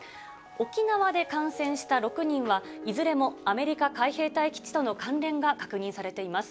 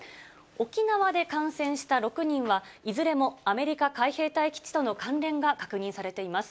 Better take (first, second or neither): second